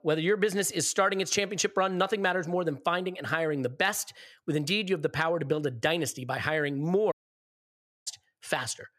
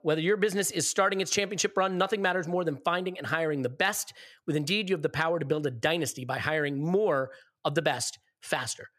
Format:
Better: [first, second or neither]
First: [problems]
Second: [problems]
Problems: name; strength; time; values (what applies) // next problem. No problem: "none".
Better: second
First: audio cutting out; at 7 s for 1 s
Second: none